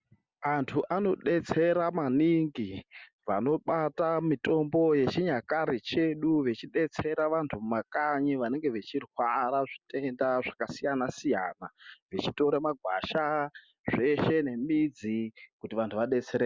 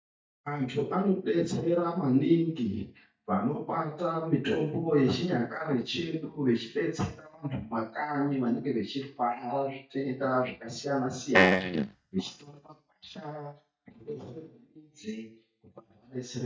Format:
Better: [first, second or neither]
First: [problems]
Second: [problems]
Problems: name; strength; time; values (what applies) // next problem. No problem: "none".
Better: first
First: none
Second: noise reduction (neural mask model DeepFilterNet 3)